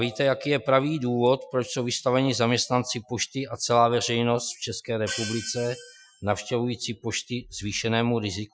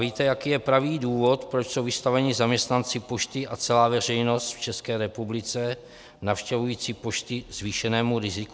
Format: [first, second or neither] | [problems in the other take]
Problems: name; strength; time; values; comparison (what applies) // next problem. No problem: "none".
second | noise reduction (classical method Wiener filter)